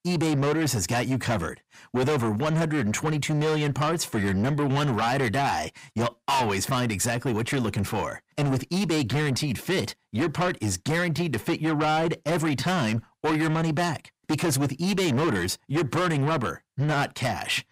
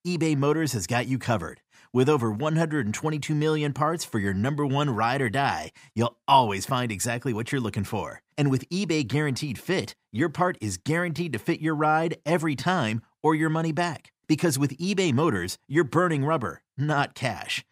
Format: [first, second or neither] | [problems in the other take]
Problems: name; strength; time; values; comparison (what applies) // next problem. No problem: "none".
second | distortion; heavy; 6 dB below the speech